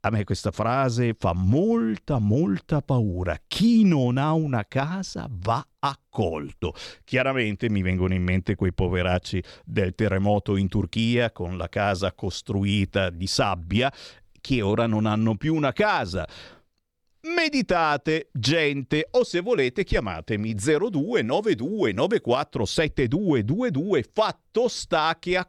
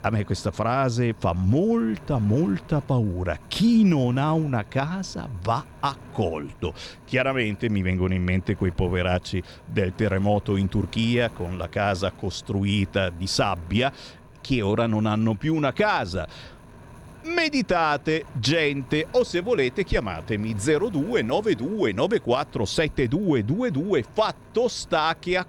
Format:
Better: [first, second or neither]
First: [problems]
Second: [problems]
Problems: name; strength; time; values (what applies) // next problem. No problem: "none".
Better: first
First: none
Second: wind noise on the microphone; occasional gusts; 25 dB below the speech